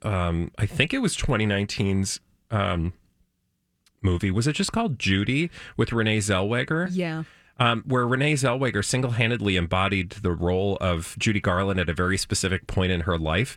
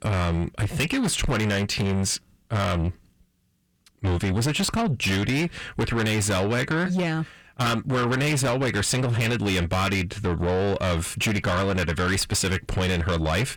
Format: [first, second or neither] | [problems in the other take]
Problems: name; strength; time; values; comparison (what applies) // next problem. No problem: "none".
first | distortion; heavy; 7 dB below the speech